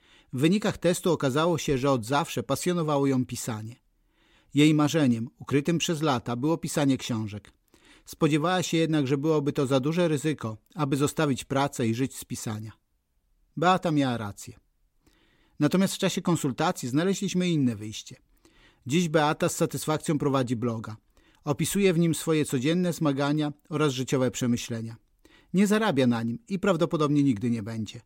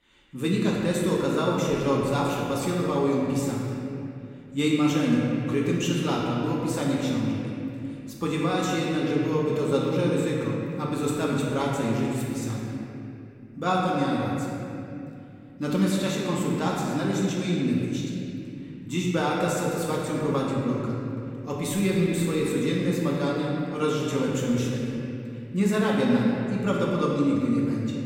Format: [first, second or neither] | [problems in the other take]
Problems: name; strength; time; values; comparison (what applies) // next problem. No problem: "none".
first | room echo; strong; dies away in 2.7 s // off-mic speech; far